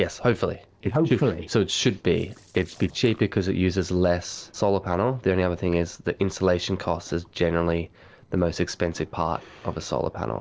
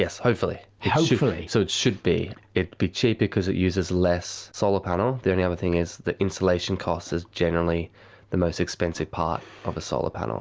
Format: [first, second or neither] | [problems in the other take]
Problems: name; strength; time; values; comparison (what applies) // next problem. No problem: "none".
second | noise reduction (neural separator model SepFormer DNS4)